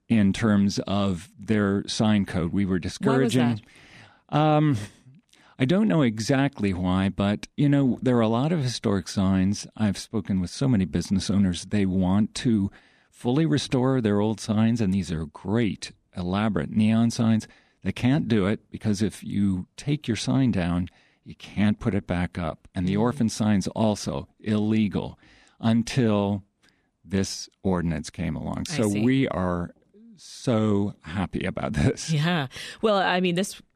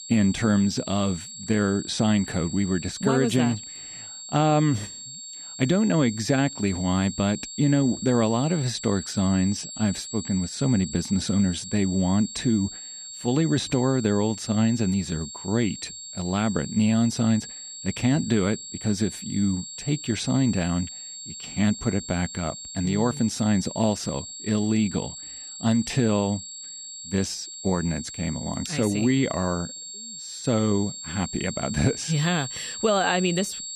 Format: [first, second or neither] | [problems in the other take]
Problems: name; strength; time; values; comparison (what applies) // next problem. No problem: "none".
first | high-pitched whine; noticeable; throughout; 7.5 kHz, 10 dB below the speech